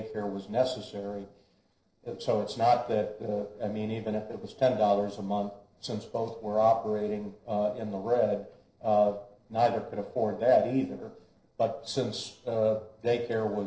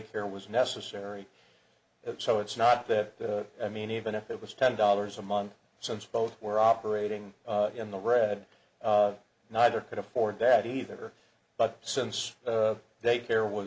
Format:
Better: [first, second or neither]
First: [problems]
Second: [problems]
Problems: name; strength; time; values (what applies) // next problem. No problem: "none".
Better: second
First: noise reduction (neural separator model SepFormer DNS4)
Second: none